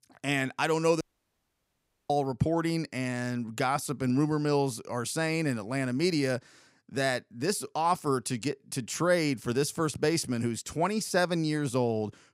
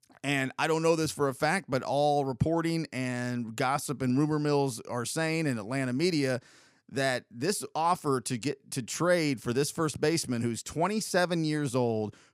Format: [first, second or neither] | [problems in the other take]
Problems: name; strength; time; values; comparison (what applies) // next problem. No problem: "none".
second | audio cutting out; at 1 s for 1 s